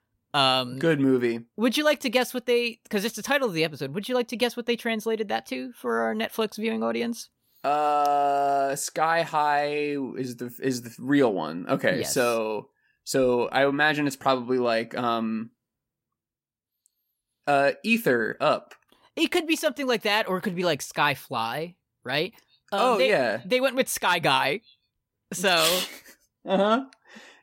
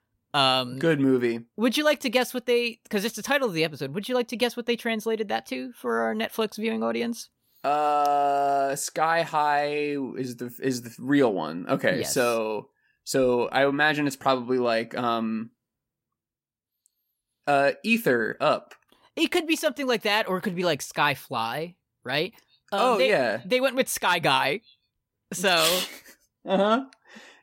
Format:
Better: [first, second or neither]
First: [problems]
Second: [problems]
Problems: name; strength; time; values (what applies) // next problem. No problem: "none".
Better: neither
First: none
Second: none